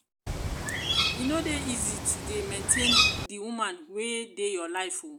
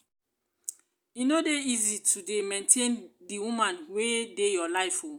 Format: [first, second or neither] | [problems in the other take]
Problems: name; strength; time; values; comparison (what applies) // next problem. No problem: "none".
second | background sound (Bird); 4 dB above the speech